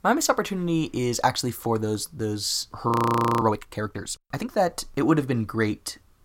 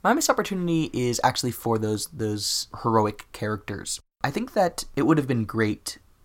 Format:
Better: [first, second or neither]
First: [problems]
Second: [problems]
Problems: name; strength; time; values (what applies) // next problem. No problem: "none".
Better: second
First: audio freezing; at 3 s for 0.5 s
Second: none